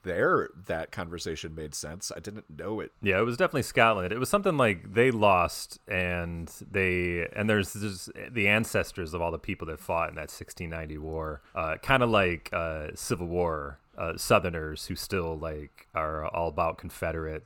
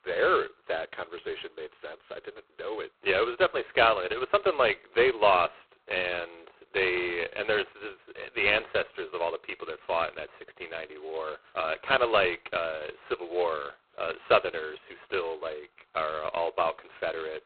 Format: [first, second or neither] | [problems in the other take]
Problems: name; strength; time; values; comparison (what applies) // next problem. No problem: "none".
first | phone-call audio; poor line; nothing above 4 kHz